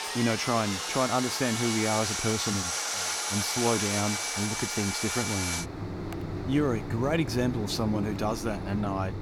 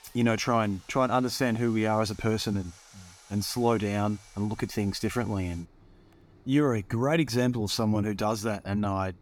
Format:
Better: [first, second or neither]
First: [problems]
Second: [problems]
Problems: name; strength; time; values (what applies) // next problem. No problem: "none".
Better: second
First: machinery noise; loud; throughout; 1 dB below the speech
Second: machinery noise; faint; throughout; 25 dB below the speech